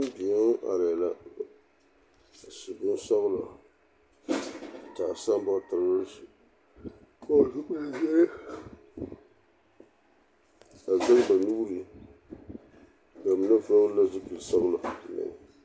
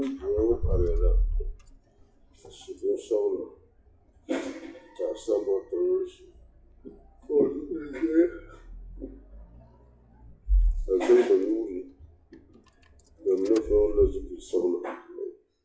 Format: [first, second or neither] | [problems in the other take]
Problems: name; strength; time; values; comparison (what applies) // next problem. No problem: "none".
first | noise reduction (classical method WPE with log-MMSE)